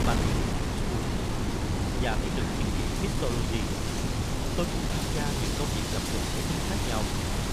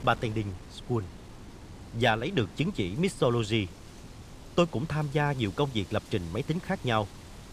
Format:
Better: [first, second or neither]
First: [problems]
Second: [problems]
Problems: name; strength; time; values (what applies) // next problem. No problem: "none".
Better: second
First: wind noise on the microphone; heavy; 5 dB above the speech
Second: wind noise on the microphone; occasional gusts; 20 dB below the speech